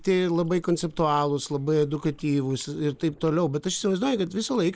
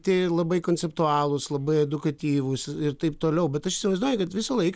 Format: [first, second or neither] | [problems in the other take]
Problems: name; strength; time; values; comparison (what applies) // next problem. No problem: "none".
second | noise reduction (neural mask model Resemble Enhance denoiser)